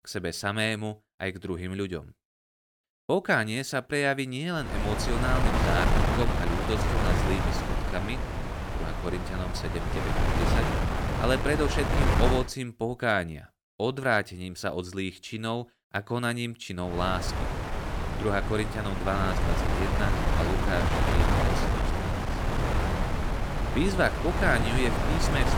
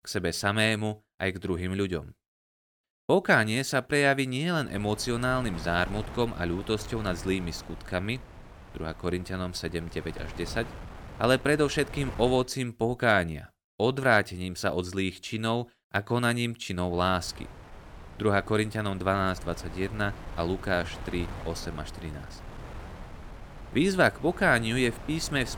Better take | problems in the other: second | wind noise on the microphone; heavy; from 4.5 to 12 s and from 17 s on; 1 dB below the speech; occasional gusts in the second

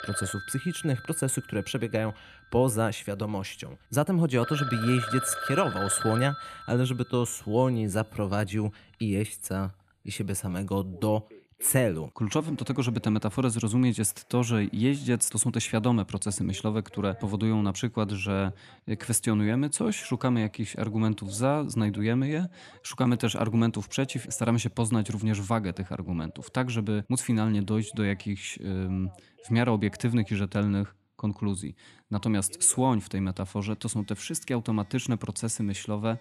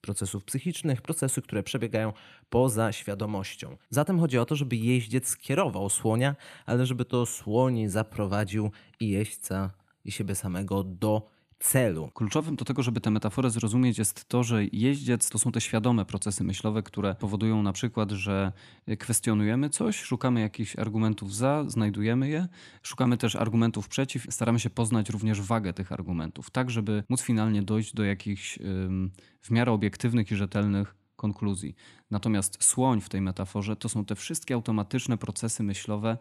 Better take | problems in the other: second | alarms or sirens; noticeable; throughout; 10 dB below the speech

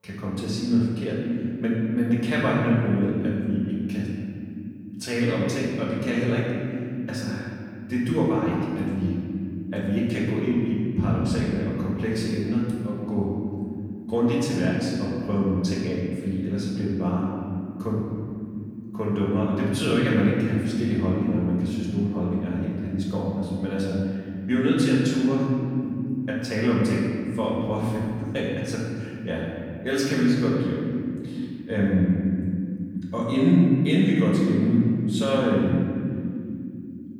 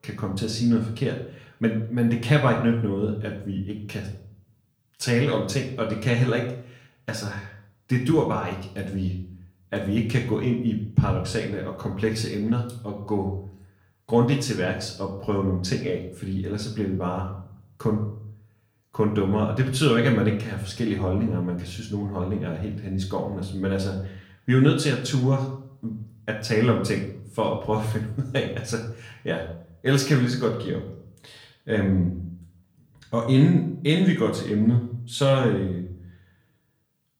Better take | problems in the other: second | room echo; strong; dies away in 3 s; slight in the second // off-mic speech; far; far in the second

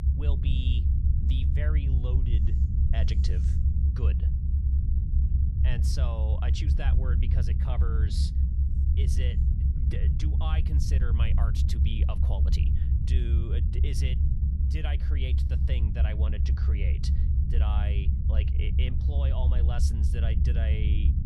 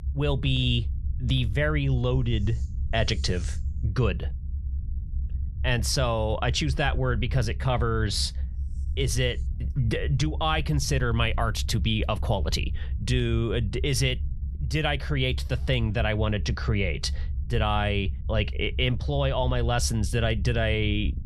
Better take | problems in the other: second | low rumble; loud; throughout; 2 dB below the speech; faint in the second

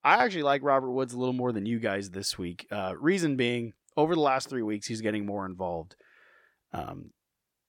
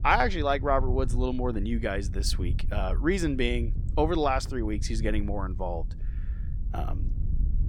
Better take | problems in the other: first | wind noise on the microphone; occasional gusts; 20 dB below the speech

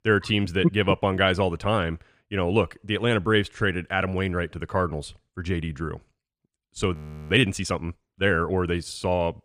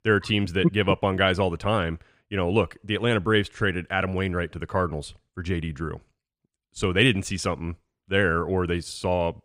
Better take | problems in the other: second | audio freezing; at 7 s

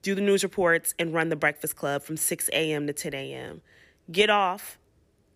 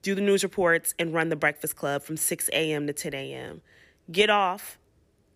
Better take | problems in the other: neither | none

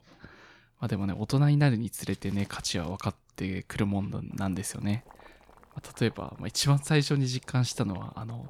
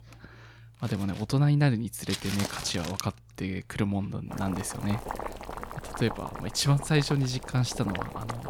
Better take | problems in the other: first | household noises; loud; throughout; 9 dB below the speech; faint in the first

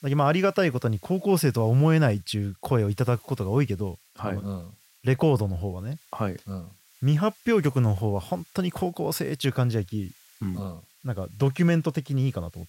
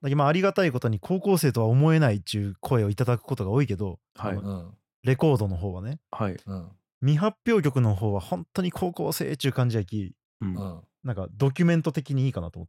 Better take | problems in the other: second | hiss; faint; throughout; 30 dB below the speech

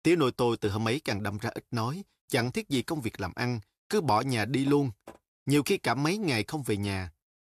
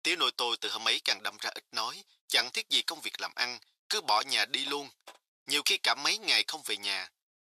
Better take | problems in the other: first | thin; very; fading below 800 Hz

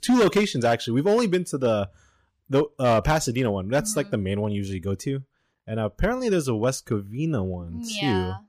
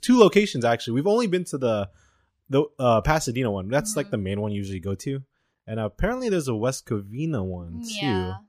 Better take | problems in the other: second | distortion; slight; 3% of the sound clipped

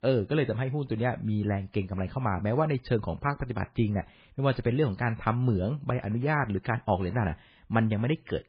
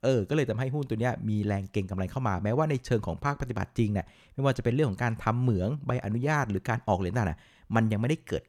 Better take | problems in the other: second | garbled, watery; badly; nothing above 4.5 kHz

